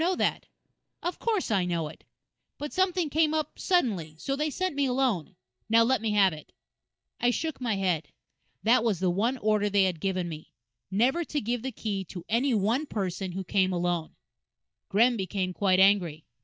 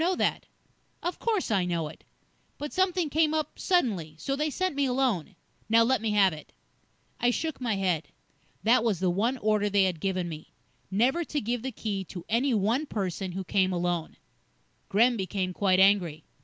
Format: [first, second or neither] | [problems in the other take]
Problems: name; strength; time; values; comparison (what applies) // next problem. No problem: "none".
second | noise reduction (neural mask model DeepFilterNet 3)